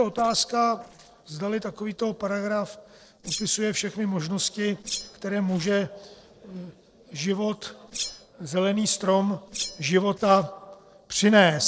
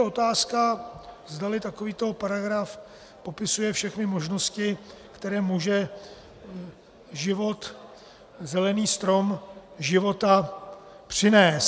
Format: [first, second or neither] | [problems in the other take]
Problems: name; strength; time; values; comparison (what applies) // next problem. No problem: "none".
second | noise reduction (neural separator model SepFormer DNS4)